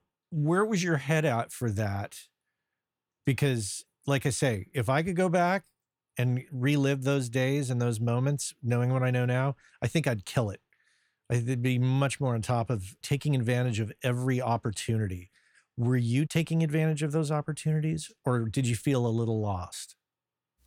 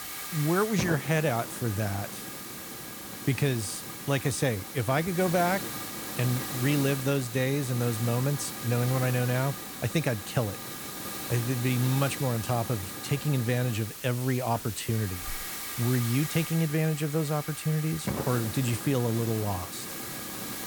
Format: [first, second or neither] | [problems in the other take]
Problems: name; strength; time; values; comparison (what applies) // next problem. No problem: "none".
first | hiss; loud; throughout; 7 dB below the speech